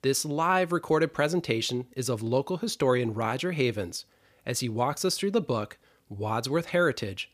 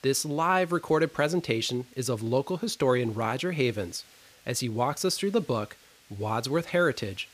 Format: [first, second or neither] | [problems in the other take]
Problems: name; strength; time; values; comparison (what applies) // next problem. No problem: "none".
first | hiss; faint; throughout; 25 dB below the speech